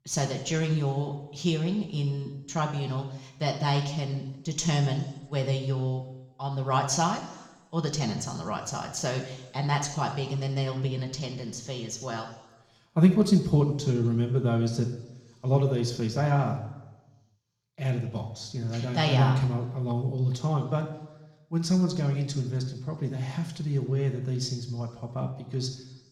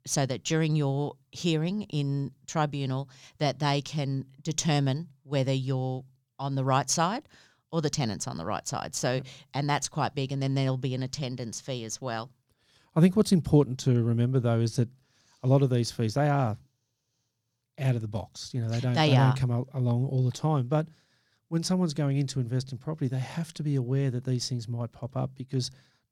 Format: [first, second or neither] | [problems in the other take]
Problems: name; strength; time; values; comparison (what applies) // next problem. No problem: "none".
second | room echo; slight; dies away in 1 s // off-mic speech; somewhat distant